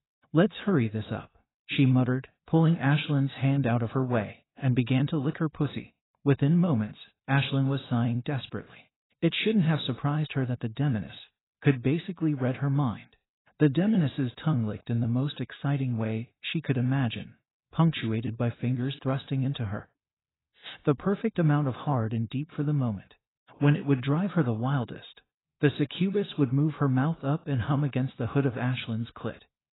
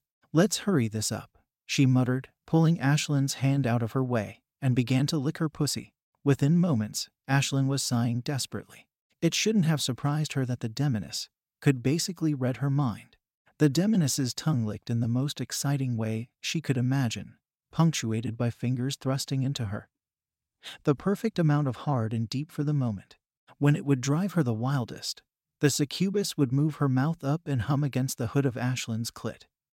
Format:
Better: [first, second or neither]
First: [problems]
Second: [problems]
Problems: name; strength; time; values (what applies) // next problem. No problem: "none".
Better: second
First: garbled, watery; badly; nothing above 4 kHz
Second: none